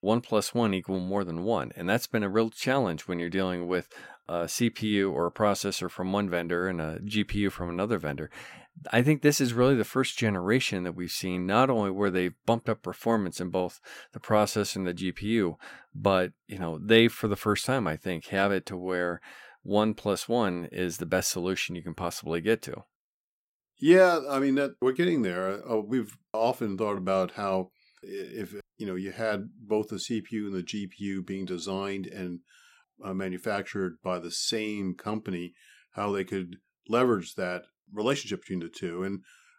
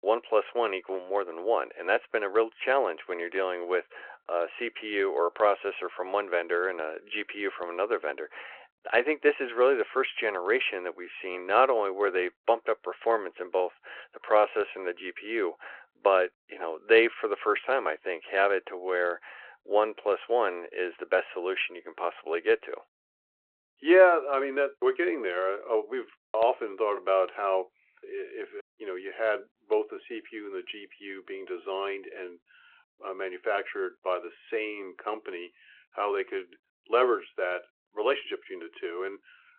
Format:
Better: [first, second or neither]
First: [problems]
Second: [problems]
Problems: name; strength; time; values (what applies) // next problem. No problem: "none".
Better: first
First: none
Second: phone-call audio